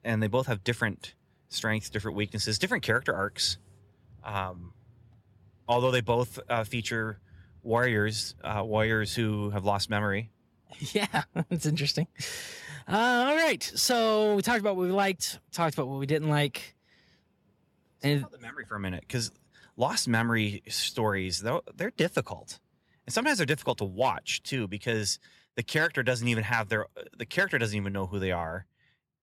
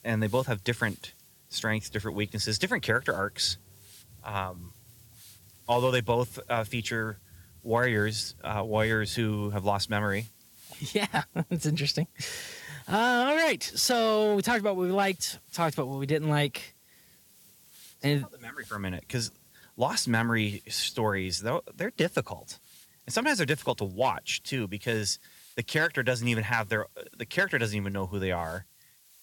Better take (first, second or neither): first